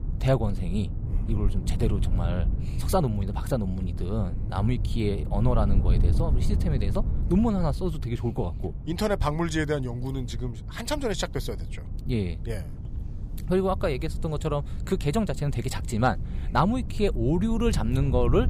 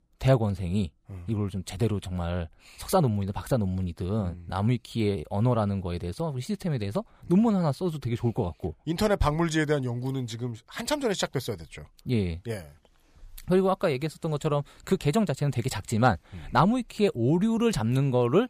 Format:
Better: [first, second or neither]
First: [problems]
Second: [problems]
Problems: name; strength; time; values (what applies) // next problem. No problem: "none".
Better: second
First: wind noise on the microphone; occasional gusts; 15 dB below the speech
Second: none